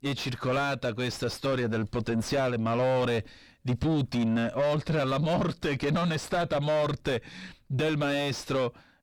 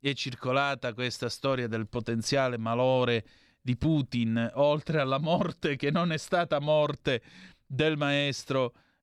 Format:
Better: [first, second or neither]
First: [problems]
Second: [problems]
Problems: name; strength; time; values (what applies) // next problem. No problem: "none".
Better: second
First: distortion; heavy; 6 dB below the speech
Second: none